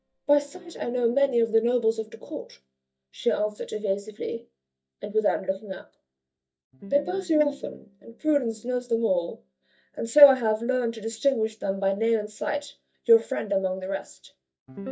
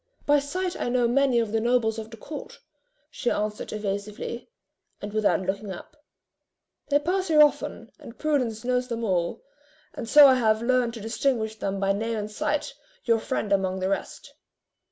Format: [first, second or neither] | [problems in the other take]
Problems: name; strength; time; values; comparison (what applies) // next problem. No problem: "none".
second | noise reduction (neural mask model DeepFilterNet 3)